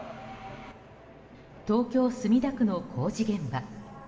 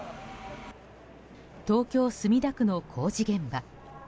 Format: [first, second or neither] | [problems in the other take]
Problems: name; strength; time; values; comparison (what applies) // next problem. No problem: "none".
second | room echo; dies away in 2.5 s